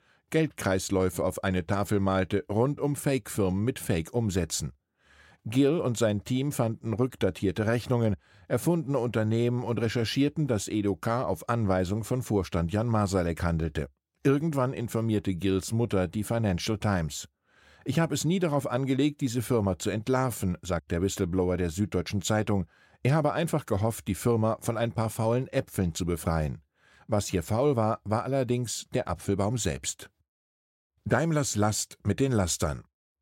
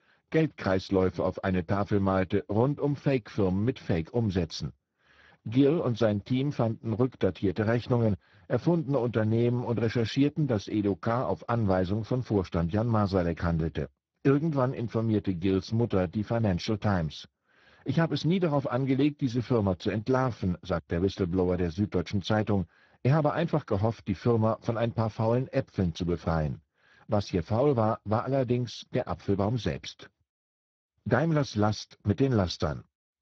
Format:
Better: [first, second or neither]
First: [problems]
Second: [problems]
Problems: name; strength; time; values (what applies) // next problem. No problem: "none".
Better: first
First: none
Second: garbled, watery; badly